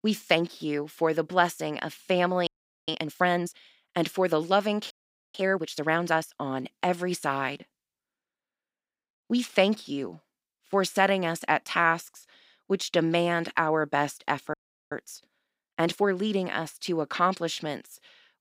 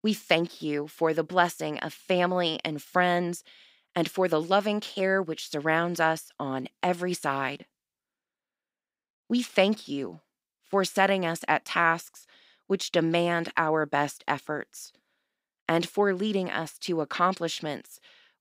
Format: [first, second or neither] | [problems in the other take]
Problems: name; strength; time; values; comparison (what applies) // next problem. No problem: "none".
second | audio freezing; at 2.5 s, at 5 s and at 15 s